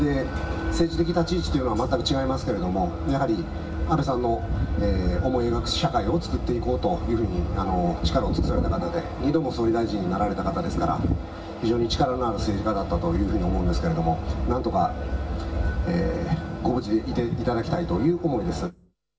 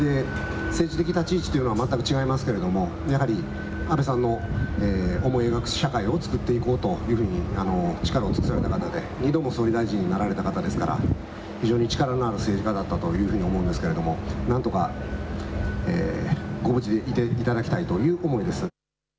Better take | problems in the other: second | room echo; dies away in 0.2 s

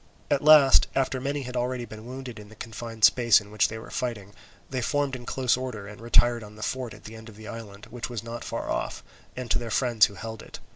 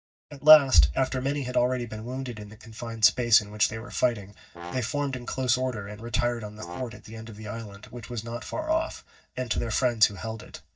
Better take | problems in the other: first | noise reduction (neural mask model DeepFilterNet 3)

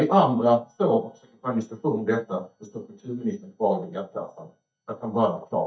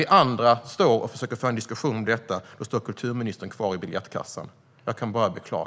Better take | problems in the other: second | noise reduction (neural mask model DeepFilterNet 3)

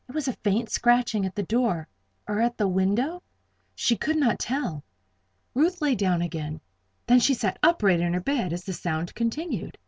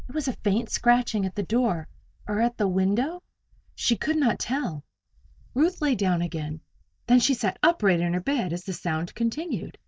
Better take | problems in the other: first | noise reduction (neural mask model DeepFilterNet 3)

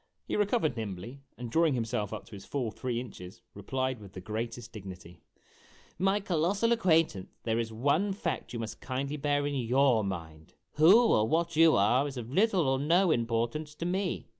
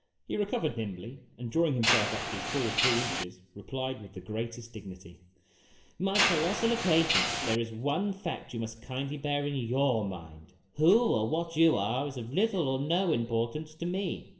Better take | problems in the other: first | background sound (Mechanisms); 3 dB below the speech // room echo; dies away in 0.7 s

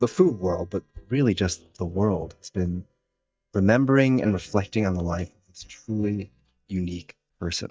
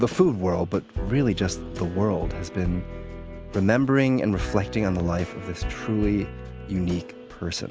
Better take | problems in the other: second | noise reduction (neural mask model DeepFilterNet 3)

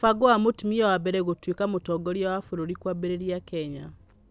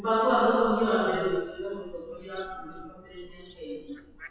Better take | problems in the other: first | noise reduction (classical method WPE with log-MMSE)

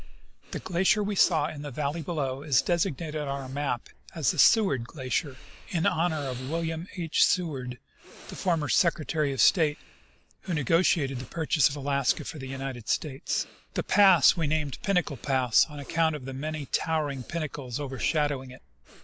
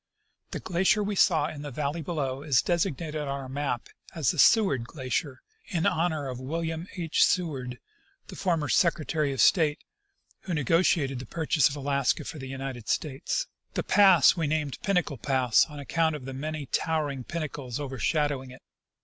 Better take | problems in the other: second | background sound (Breathing); 14 dB below the speech

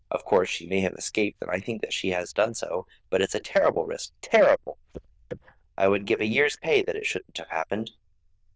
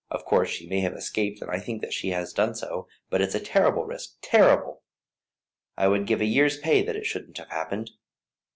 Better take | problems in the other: second | noise reduction (neural diffusion model UNIVERSE++)

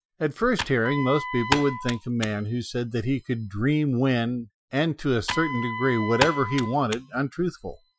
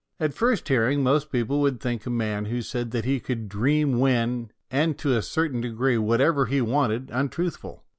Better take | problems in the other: second | noise reduction (classical method Wiener filter)

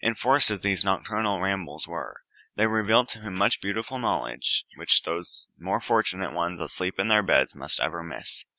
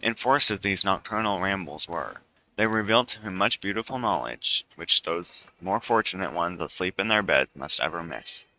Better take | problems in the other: first | noise reduction (neural mask model RNNoise)

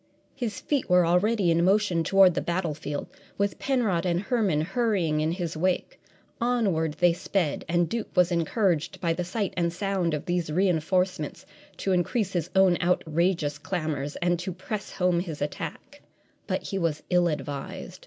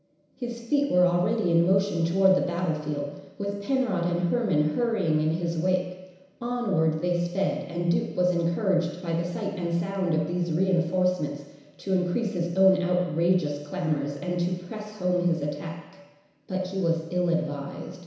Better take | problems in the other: first | room echo; dies away in 1 s

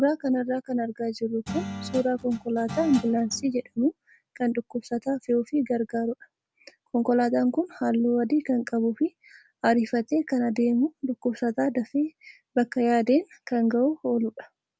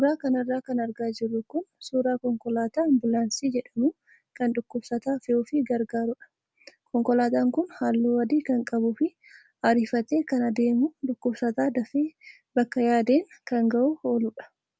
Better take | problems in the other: second | background sound (Guitar); 11 dB below the speech

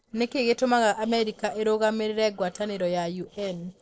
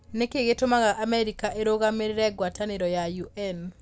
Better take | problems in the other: second | noise reduction (neural separator model SepFormer DNS4)

